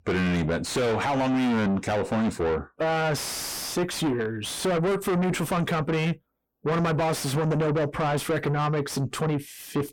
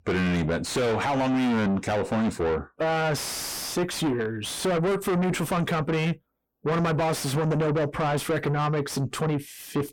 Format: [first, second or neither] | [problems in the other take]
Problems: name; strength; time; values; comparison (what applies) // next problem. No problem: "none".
neither | distortion; heavy; 5 dB below the speech; the same in both